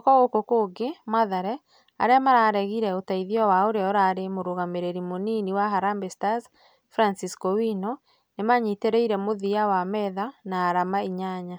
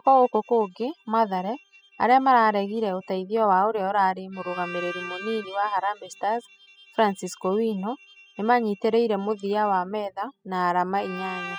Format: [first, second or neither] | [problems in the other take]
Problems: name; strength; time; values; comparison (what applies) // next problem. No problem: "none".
first | noise reduction (classical method spectral subtraction)